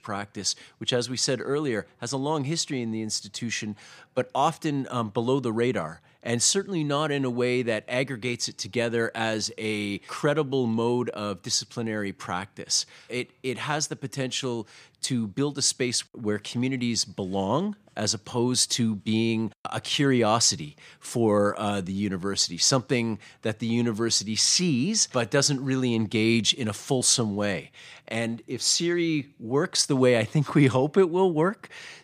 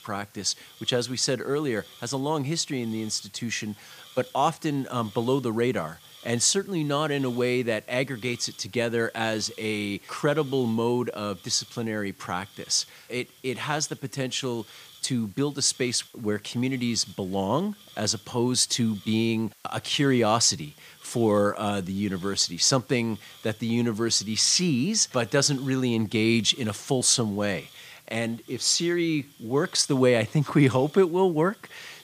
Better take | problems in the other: first | hiss; faint; throughout; 25 dB below the speech

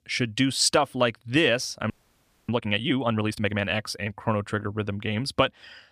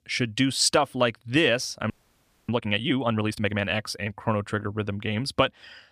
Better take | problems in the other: neither | audio freezing; at 2 s for 0.5 s; the same in both

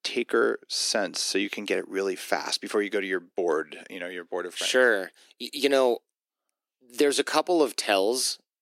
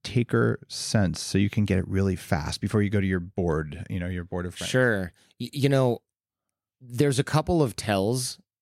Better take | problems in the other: second | thin; somewhat; fading below 300 Hz

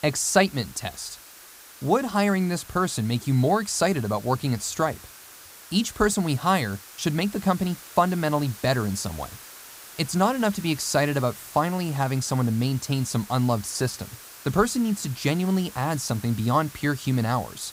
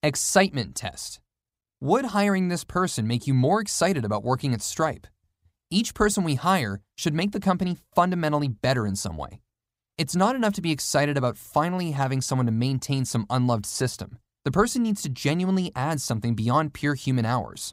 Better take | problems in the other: second | hiss; noticeable; throughout; 15 dB below the speech

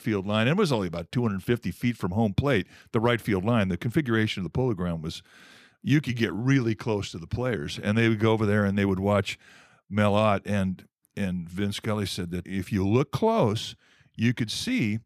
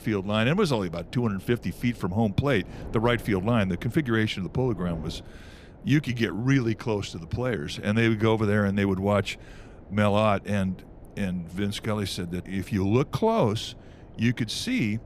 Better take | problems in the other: first | wind noise on the microphone; occasional gusts; 20 dB below the speech

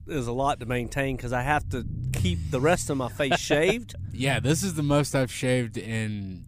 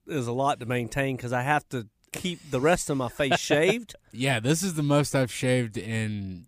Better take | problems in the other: second | low rumble; faint; throughout; 20 dB below the speech

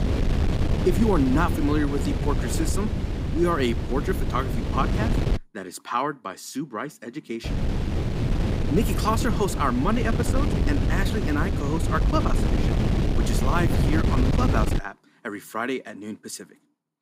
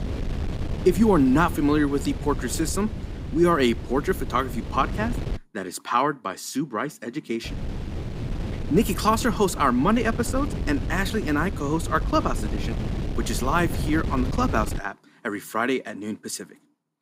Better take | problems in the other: second | wind noise on the microphone; heavy; until 5.5 s and from 7.5 to 15 s; 4 dB below the speech; occasional gusts in the second

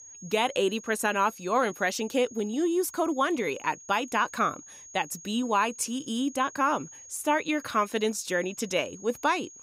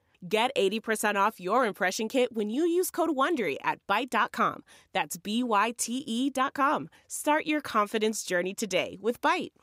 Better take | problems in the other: second | high-pitched whine; noticeable; throughout; 6.5 kHz, 15 dB below the speech

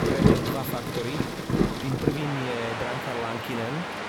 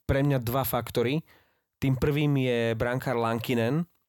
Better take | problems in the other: second | rain or running water; very loud; throughout; 4 dB above the speech

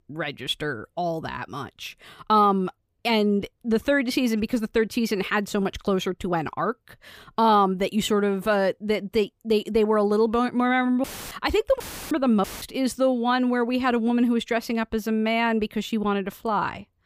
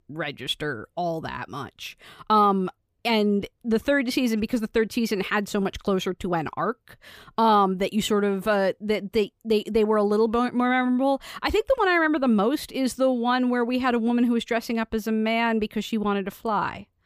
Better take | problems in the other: second | audio cutting out; filled with static; at 11 s and at 12 s

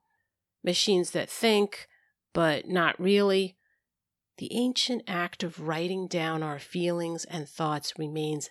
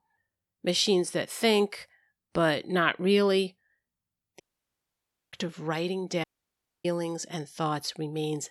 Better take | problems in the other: first | audio cutting out; at 4.5 s for 1 s and at 6 s for 0.5 s

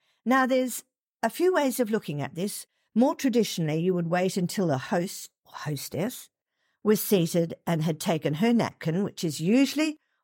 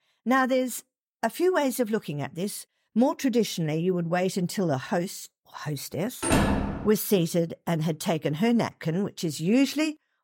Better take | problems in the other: first | door banging; loud; at 6 s; peak 3 dB above the speech

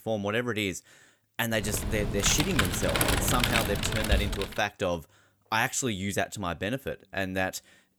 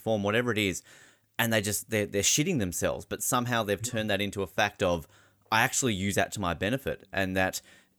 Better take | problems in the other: second | keyboard typing; loud; from 1.5 to 4.5 s; peak 5 dB above the speech

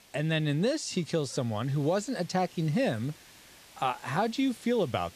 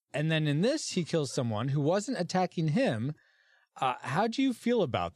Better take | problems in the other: second | hiss; faint; throughout; 25 dB below the speech

